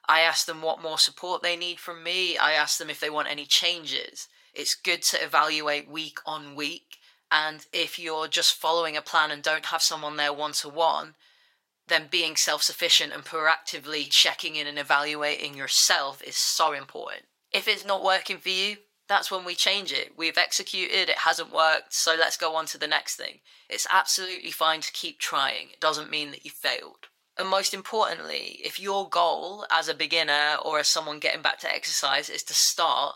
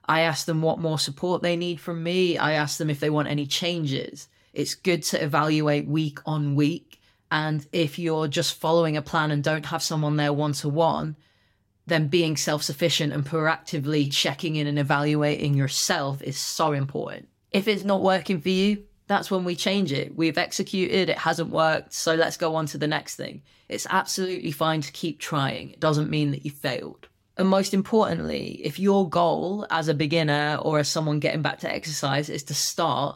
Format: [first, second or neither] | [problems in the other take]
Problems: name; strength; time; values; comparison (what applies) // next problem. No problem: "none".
second | thin; very; fading below 850 Hz